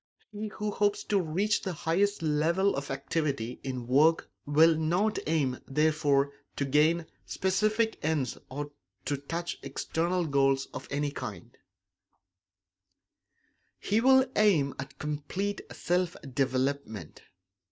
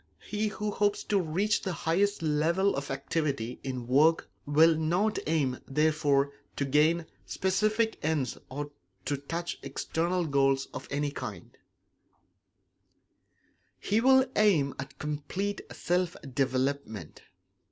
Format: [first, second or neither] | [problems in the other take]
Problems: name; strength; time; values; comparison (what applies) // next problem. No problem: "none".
second | noise reduction (neural mask model DeepFilterNet 3)